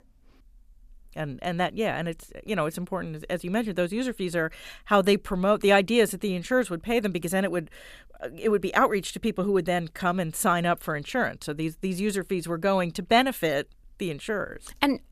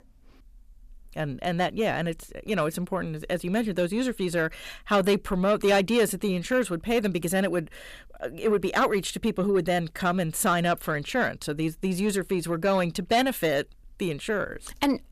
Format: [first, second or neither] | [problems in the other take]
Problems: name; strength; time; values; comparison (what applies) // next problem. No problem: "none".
first | distortion; slight; 10 dB below the speech